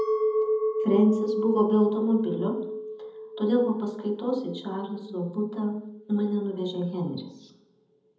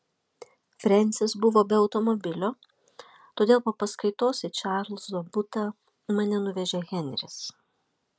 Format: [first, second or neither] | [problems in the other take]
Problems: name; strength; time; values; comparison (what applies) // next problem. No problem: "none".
second | background sound (Chink, clink); 5 dB below the speech // room echo; dies away in 0.8 s